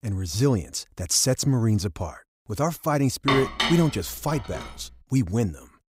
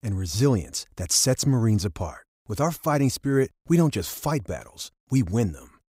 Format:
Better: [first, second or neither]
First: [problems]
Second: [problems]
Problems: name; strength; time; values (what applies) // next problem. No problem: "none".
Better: second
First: clattering dishes; loud; from 3.5 to 4.5 s; peak 1 dB above the speech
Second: none